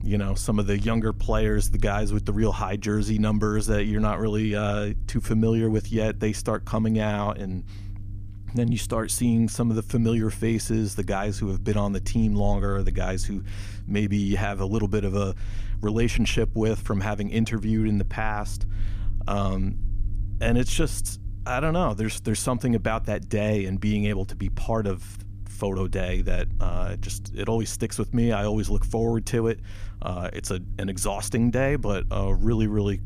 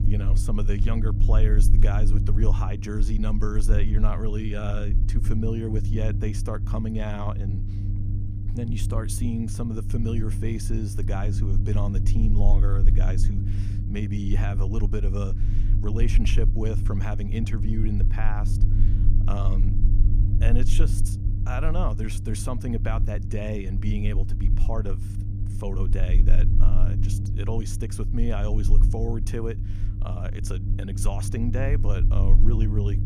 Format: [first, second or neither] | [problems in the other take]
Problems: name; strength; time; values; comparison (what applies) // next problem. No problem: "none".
first | low rumble; loud; throughout; 6 dB below the speech; faint in the first